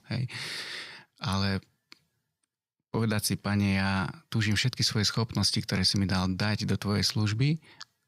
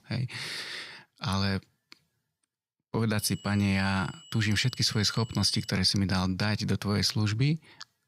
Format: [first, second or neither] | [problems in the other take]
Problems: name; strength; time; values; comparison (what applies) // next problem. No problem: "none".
first | high-pitched whine; faint; from 3 to 5.5 s; 3 kHz, 20 dB below the speech